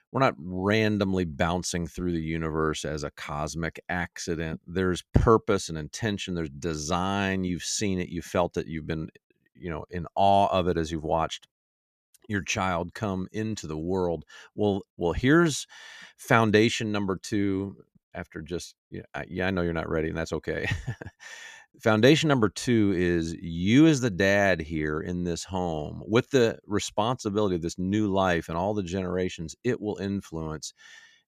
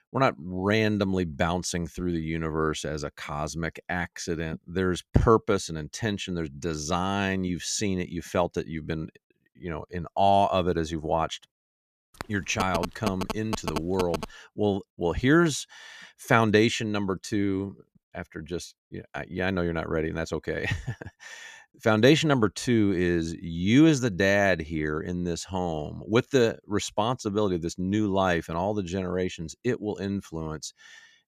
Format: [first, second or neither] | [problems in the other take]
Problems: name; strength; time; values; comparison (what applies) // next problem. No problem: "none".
first | phone ringing; noticeable; from 12 to 14 s; peak 6 dB below the speech